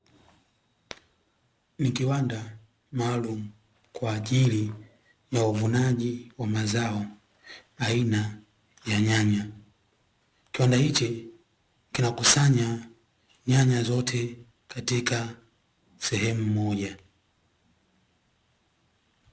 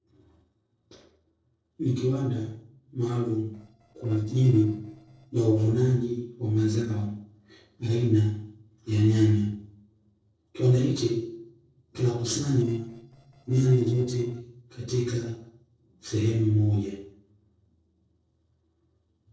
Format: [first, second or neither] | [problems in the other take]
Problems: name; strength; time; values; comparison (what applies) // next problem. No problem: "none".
first | noise reduction (neural separator model SepFormer DNS4)